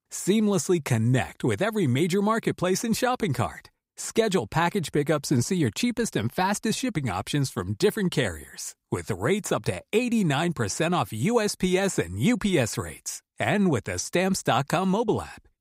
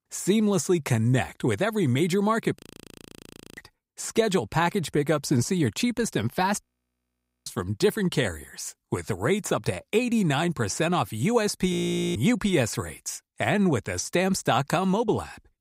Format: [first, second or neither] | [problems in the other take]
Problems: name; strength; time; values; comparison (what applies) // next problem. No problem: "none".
first | audio freezing; at 2.5 s for 1 s, at 6.5 s for 1 s and at 12 s